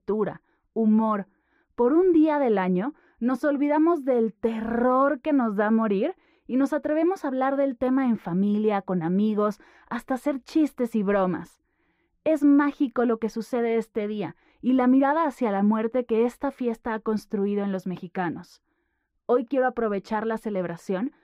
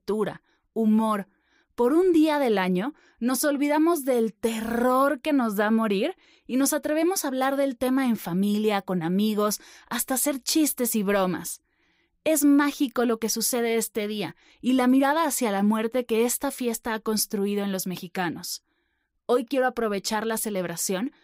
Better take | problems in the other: second | muffled; very; fading above 3.5 kHz

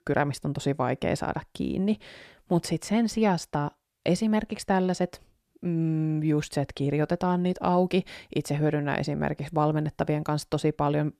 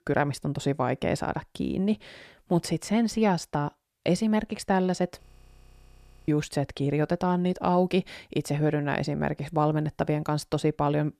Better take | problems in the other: first | audio freezing; at 5 s for 1 s

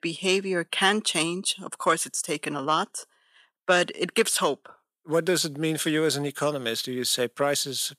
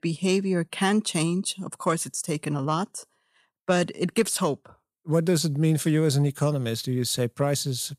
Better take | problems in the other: second | thin; somewhat; fading below 300 Hz

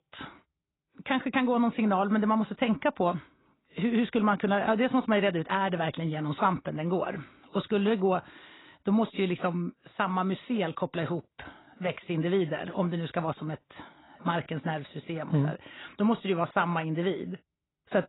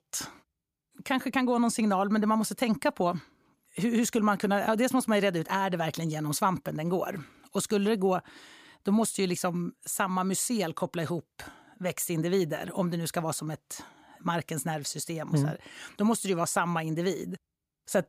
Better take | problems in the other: second | garbled, watery; badly; nothing above 4 kHz

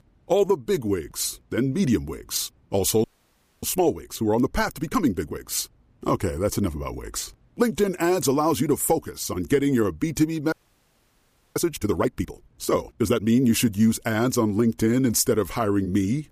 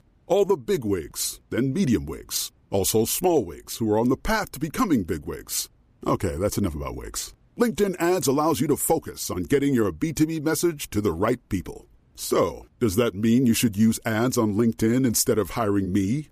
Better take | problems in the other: second | audio freezing; at 3 s for 0.5 s and at 11 s for 1 s

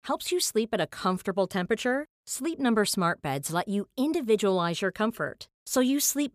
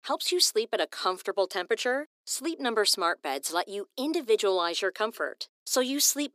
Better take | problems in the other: first | thin; somewhat; fading below 300 Hz

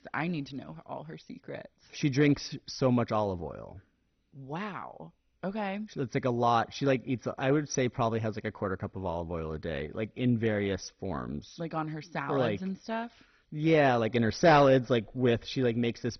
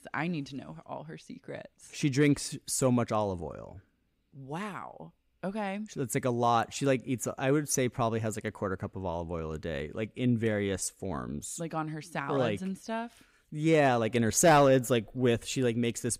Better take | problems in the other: second | garbled, watery; badly; nothing above 6 kHz

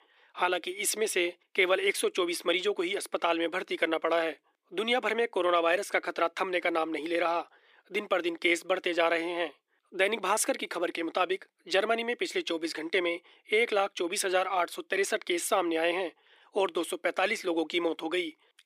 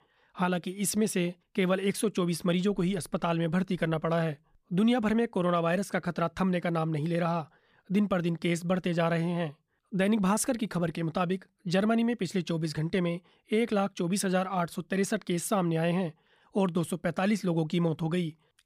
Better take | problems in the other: second | thin; very; fading below 300 Hz

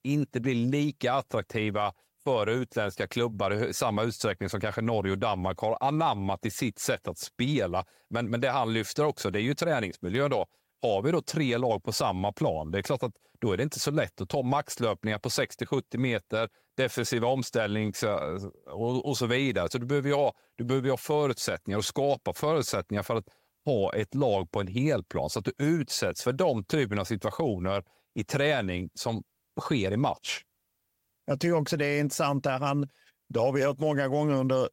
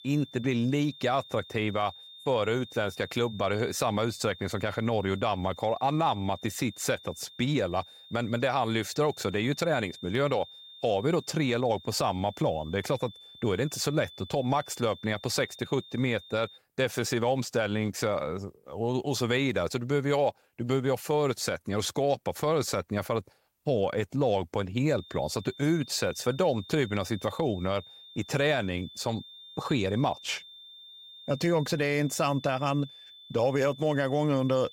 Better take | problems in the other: first | high-pitched whine; noticeable; until 17 s and from 25 s on; 3.5 kHz, 20 dB below the speech

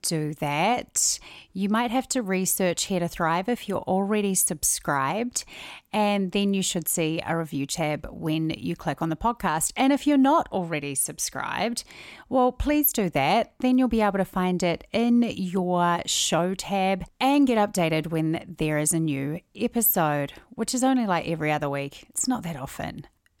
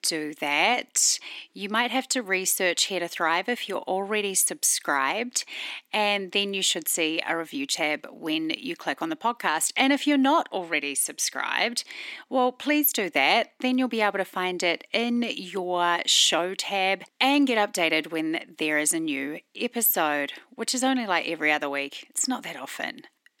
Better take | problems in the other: first | thin; very slightly; fading below 250 Hz

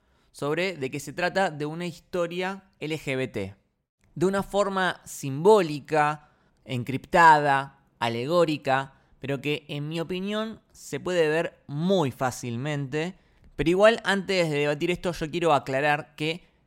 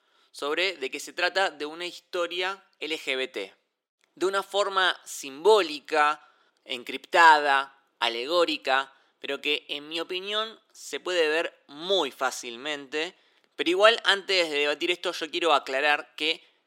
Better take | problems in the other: first | thin; somewhat; fading below 350 Hz

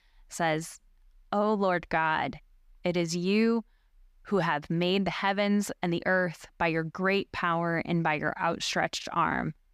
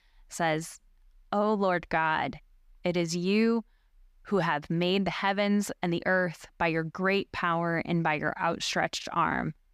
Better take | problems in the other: neither | none

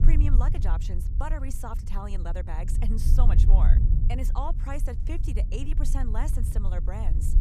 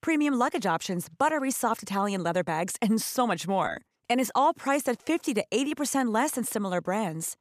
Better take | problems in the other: second | low rumble; loud; throughout; 6 dB below the speech

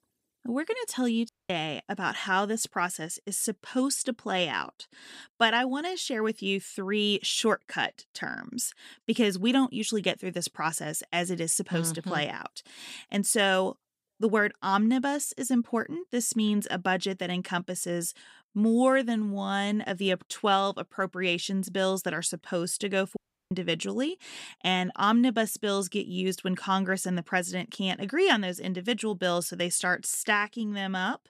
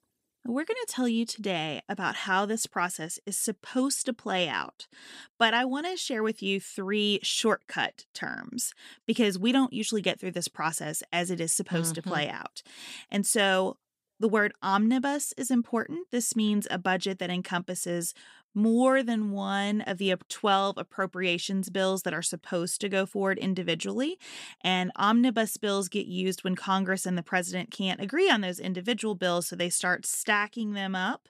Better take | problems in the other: second | audio cutting out; at 1.5 s and at 23 s

